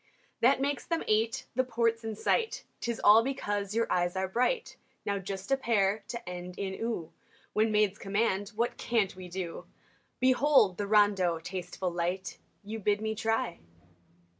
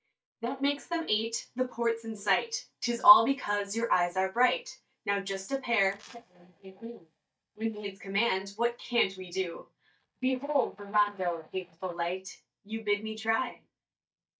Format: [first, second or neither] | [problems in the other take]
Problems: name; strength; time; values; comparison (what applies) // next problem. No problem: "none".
first | noise reduction (neural mask model DeepFilterNet 3)